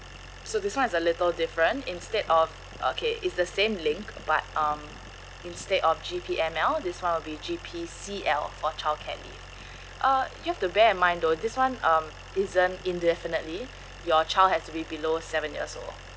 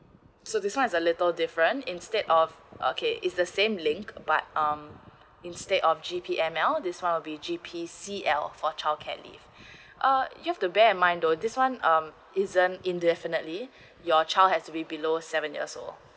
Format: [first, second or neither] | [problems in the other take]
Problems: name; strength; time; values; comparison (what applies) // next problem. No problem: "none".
second | background sound (Idling); 16 dB below the speech